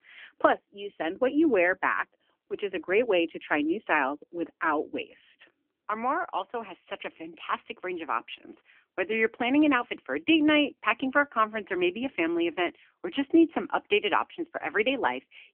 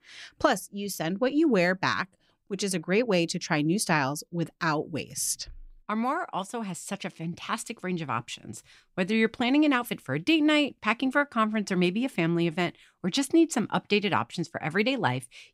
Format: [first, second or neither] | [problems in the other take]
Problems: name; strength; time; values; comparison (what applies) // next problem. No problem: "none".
second | phone-call audio; nothing above 3 kHz